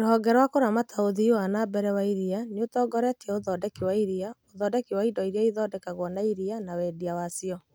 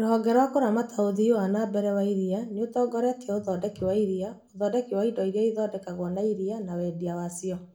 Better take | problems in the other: first | room echo; dies away in 0.4 s

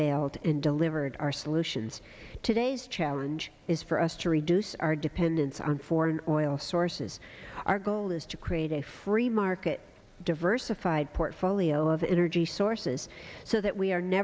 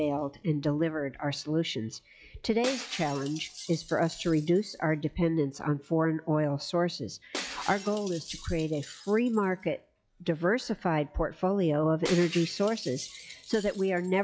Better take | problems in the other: first | noise reduction (classical method log-MMSE)

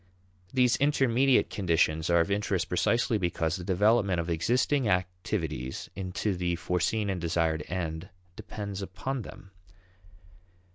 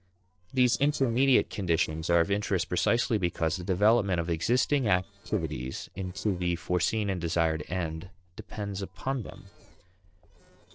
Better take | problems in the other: first | noise reduction (neural separator model SepFormer DNS4)

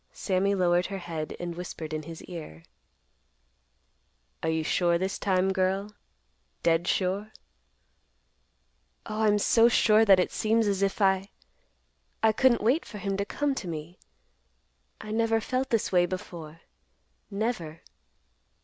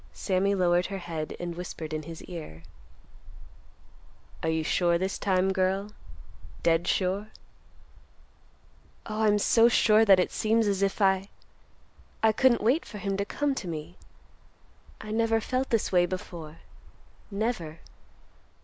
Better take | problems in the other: first | background sound (Cricket); 14 dB below the speech

